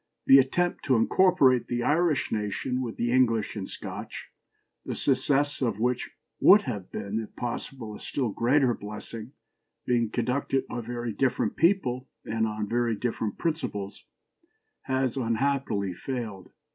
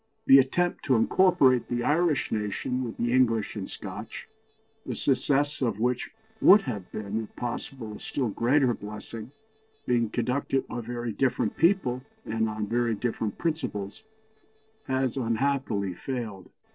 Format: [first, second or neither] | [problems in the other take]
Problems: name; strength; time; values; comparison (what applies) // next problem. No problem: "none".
first | noise reduction (neural separator model SepFormer DNS4)